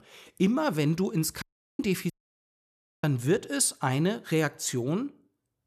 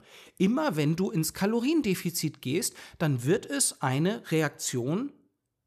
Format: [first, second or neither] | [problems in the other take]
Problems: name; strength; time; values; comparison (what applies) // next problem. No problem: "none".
second | audio cutting out; at 1.5 s and at 2 s for 1 s